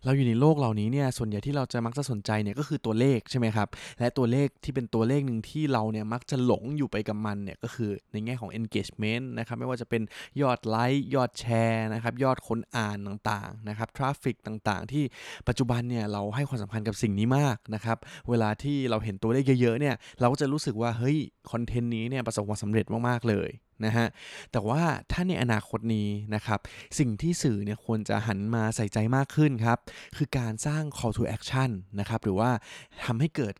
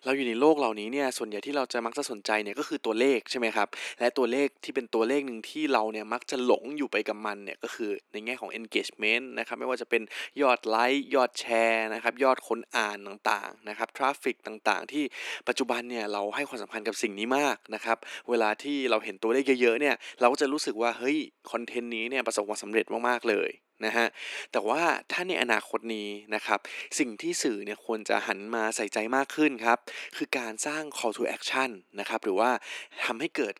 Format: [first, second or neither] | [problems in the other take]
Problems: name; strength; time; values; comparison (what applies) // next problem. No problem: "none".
first | thin; somewhat; fading below 300 Hz